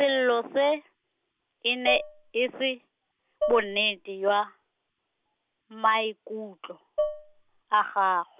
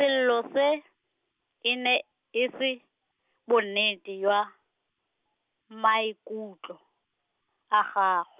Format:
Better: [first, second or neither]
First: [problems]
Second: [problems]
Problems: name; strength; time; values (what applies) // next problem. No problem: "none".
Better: second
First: background sound (Dishes, pots, and pans); 5 dB below the speech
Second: none